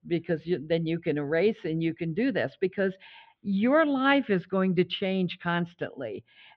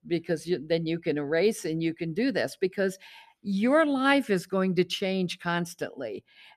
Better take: second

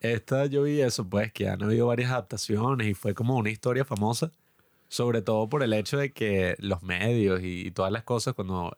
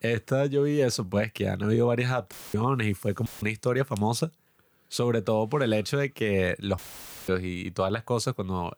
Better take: first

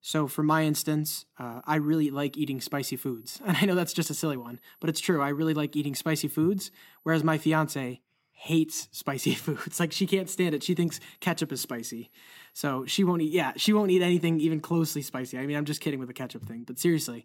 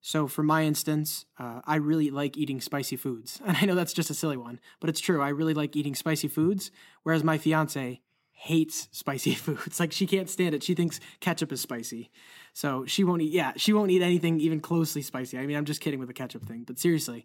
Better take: second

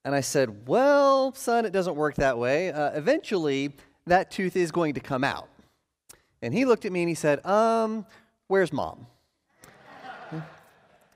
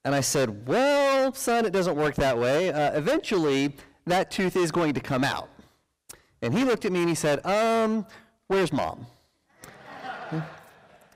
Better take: first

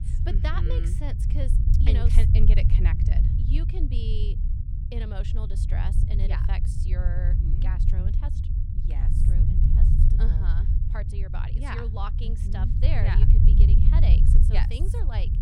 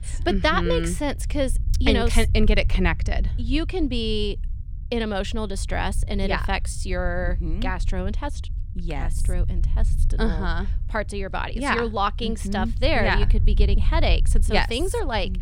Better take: second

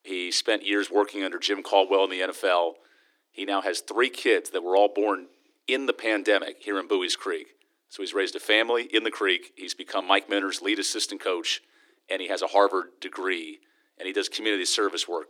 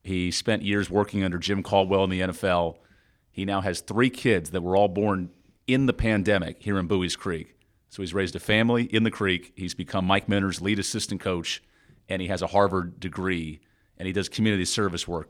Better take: second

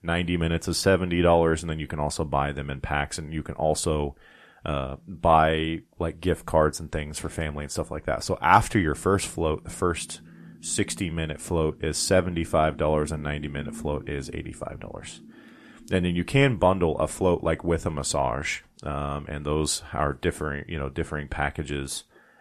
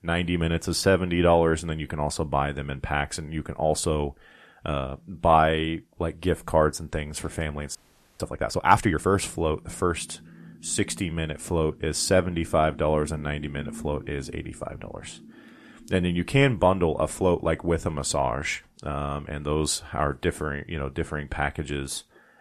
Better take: first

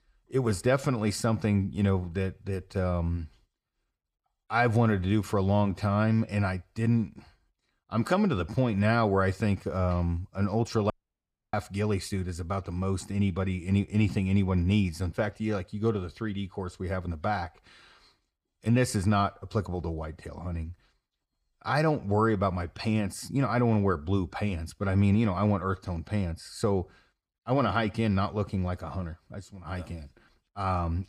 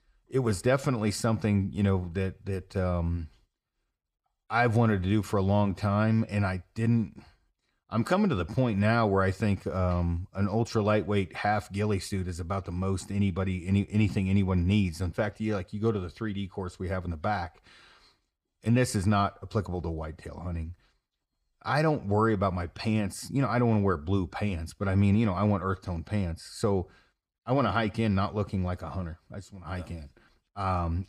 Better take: second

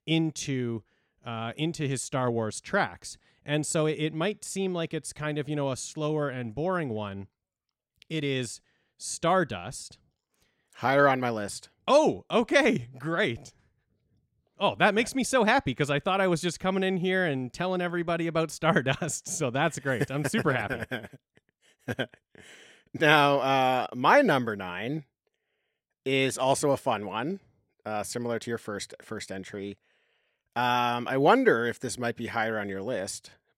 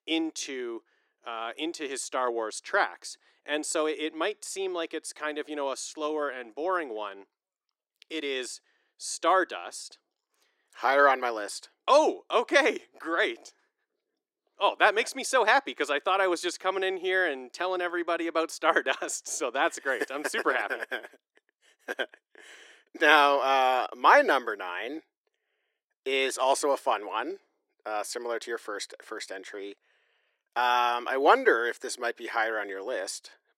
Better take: first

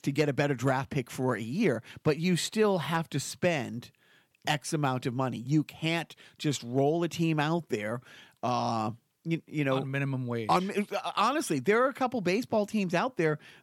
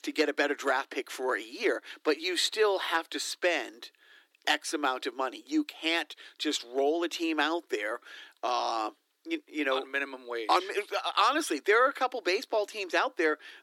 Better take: first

